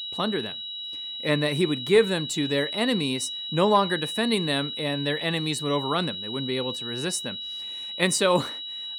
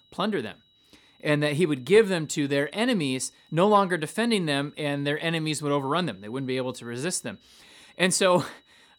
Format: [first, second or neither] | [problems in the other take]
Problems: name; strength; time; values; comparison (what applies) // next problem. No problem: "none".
second | high-pitched whine; loud; throughout; 4 kHz, 6 dB below the speech; faint in the second